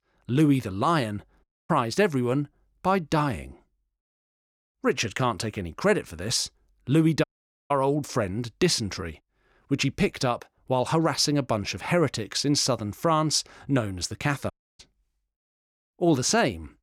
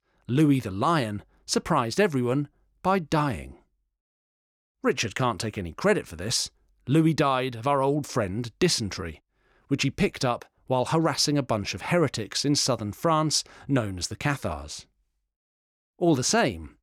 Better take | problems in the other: second | audio cutting out; at 1.5 s, at 7 s and at 15 s

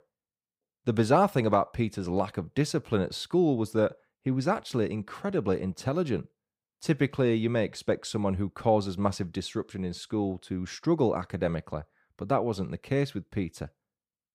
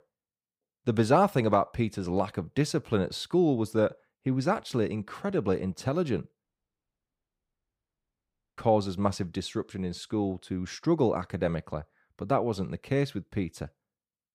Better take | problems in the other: first | audio cutting out; at 6.5 s for 2 s

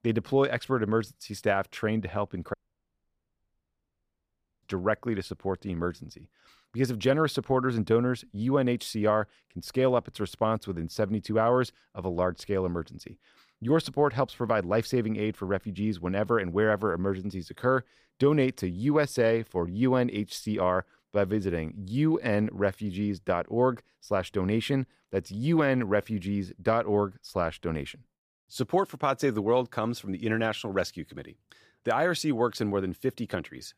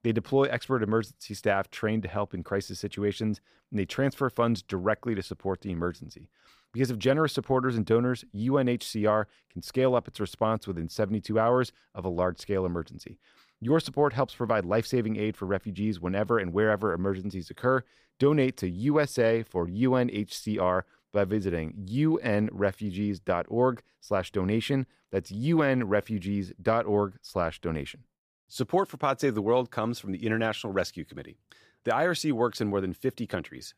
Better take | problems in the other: second | audio cutting out; at 2.5 s for 2 s

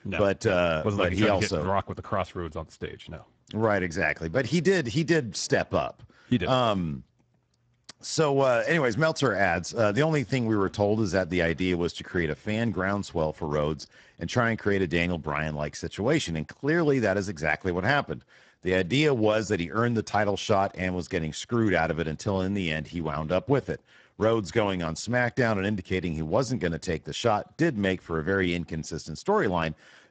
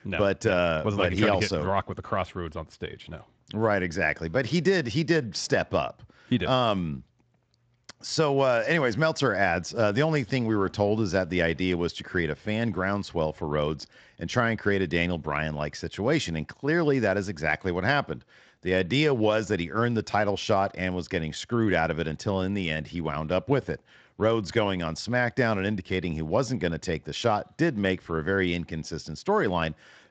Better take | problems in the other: second | garbled, watery; badly; nothing above 8 kHz; slightly in the second

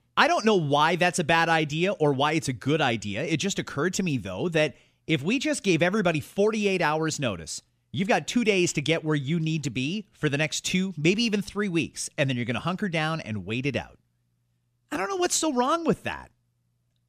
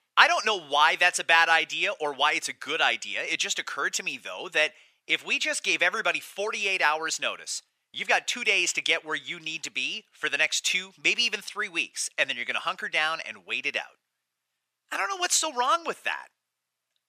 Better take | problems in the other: first | thin; very; fading below 800 Hz

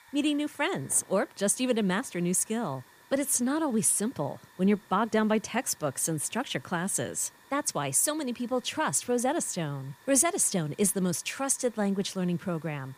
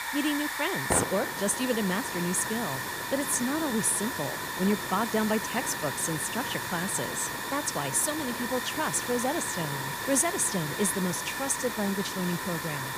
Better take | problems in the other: first | hiss; loud; throughout; 3 dB below the speech; faint in the first

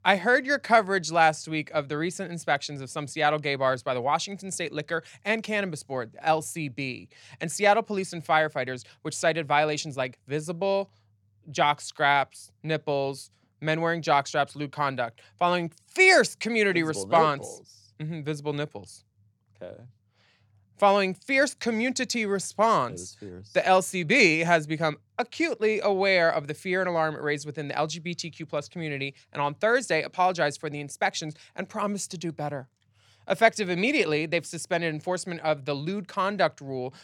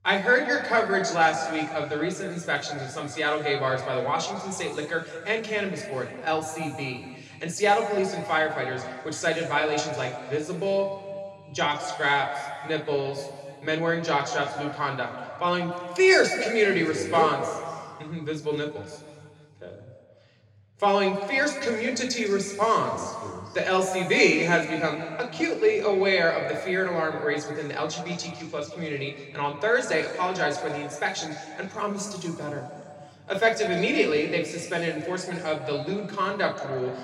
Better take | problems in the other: first | room echo; noticeable; dies away in 2.2 s // off-mic speech; far

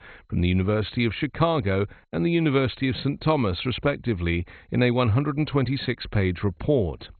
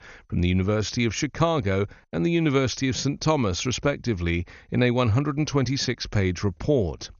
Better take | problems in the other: second | garbled, watery; badly; nothing above 4 kHz; slightly in the second

